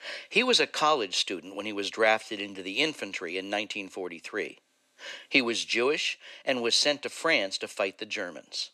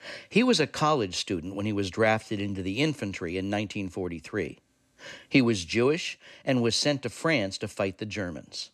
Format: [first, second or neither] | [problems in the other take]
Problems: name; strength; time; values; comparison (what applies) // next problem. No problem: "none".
second | thin; somewhat; fading below 450 Hz